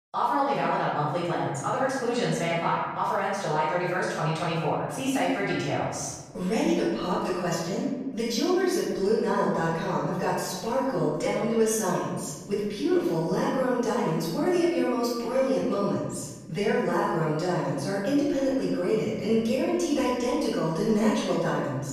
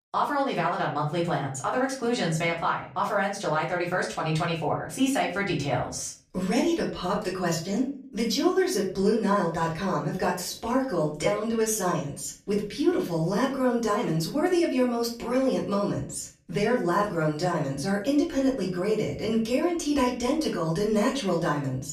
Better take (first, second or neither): second